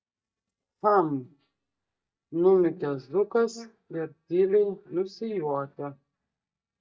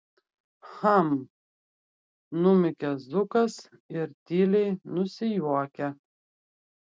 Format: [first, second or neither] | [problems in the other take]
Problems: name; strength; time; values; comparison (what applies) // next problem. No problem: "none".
second | noise reduction (neural mask model DeepFilterNet 3)